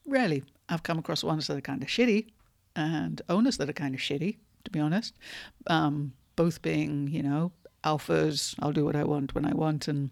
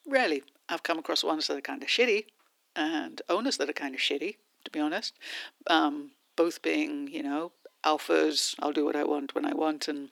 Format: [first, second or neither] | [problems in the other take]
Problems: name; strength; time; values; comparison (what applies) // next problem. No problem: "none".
first | thin; somewhat; fading below 300 Hz